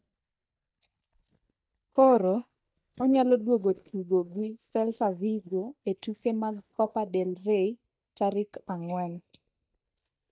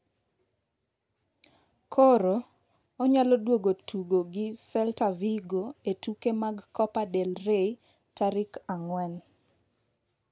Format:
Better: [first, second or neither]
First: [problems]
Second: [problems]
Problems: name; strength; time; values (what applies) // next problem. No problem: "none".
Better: second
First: noise reduction (neural mask model DeepFilterNet 3)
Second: none